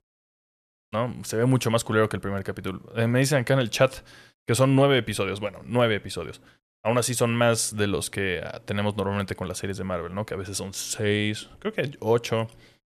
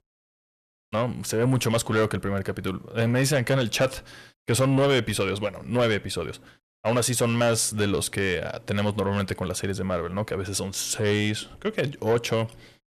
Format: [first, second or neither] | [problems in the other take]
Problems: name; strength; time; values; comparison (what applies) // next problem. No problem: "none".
first | distortion; slight; 10 dB below the speech